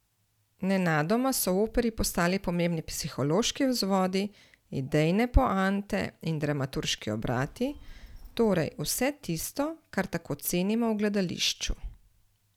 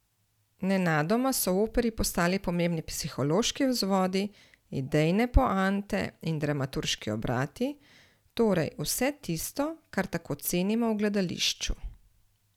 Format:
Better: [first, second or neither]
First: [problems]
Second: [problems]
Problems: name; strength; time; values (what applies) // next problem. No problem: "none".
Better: second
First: background sound (Telephone); 19 dB below the speech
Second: none